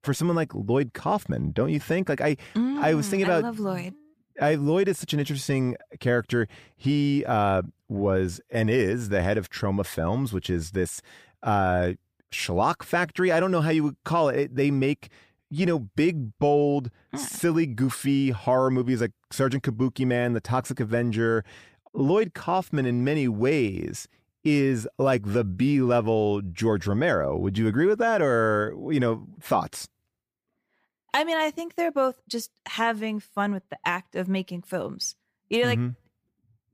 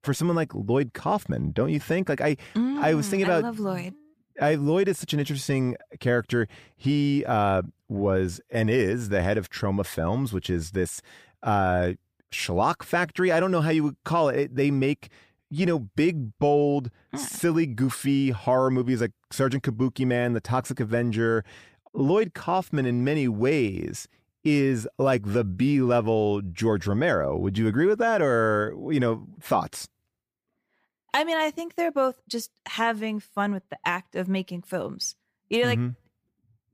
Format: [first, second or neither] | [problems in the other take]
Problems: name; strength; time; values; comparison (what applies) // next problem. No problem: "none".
neither | none